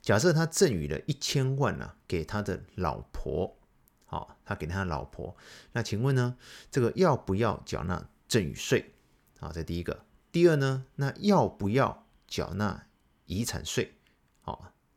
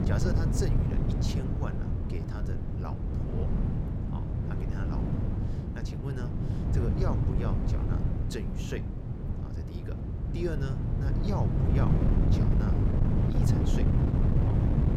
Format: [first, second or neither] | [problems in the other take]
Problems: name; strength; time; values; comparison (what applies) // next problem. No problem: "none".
first | wind noise on the microphone; heavy; 3 dB above the speech